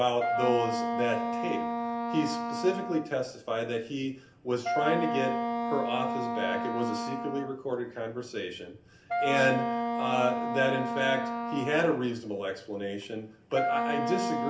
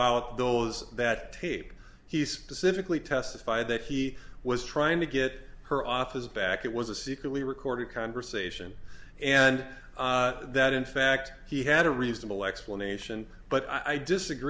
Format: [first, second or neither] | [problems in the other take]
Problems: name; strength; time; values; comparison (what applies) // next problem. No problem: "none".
second | background sound (Wind instrument, woodwind instrument); 1 dB below the speech // room echo; dies away in 0.3 s